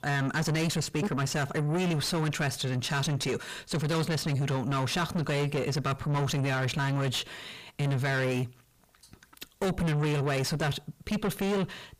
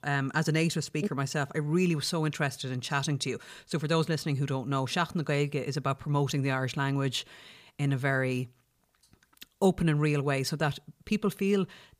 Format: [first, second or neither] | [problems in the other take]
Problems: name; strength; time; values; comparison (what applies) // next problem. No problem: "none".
second | distortion; heavy; 5 dB below the speech